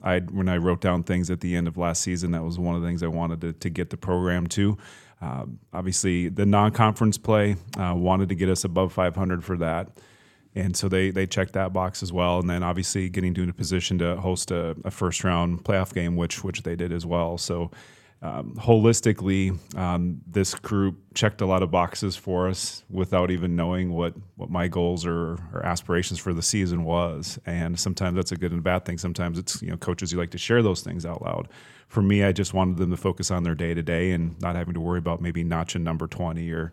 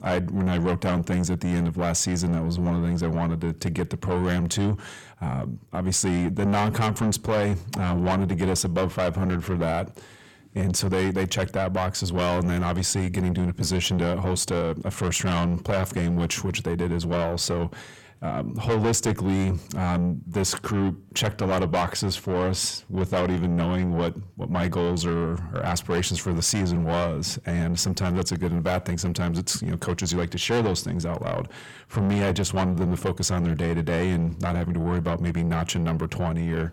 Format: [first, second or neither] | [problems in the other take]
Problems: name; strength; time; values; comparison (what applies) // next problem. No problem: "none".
first | distortion; heavy; 6 dB below the speech